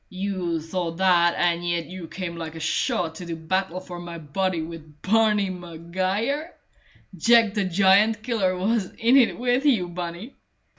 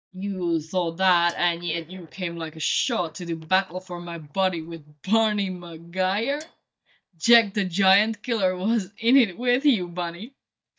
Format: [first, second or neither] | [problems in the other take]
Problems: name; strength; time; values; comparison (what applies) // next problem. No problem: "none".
first | noise reduction (neural mask model DeepFilterNet 3)